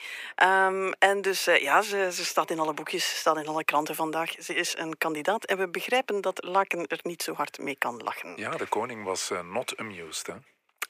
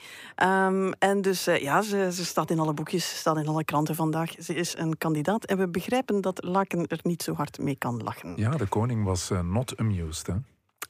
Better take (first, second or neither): second